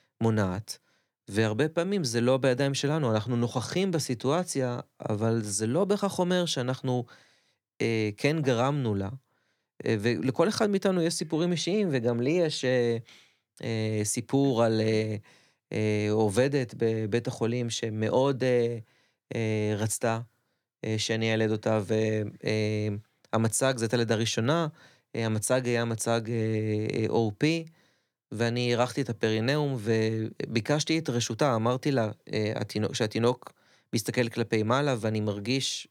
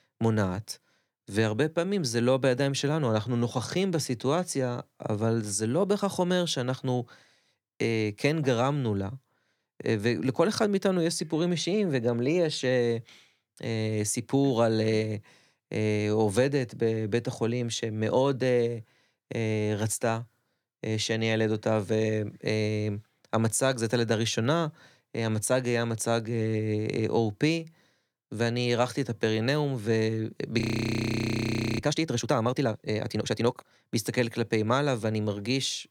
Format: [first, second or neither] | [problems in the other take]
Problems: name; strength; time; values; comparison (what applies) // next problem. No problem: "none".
first | audio freezing; at 31 s for 1 s